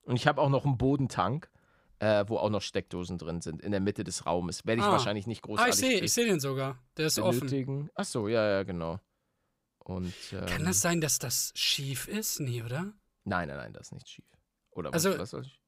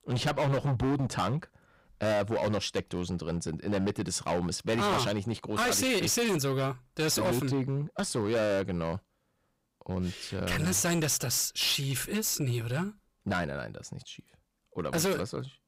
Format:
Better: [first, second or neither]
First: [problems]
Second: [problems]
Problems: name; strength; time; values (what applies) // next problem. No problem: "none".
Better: first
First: none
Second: distortion; heavy; 14% of the sound clipped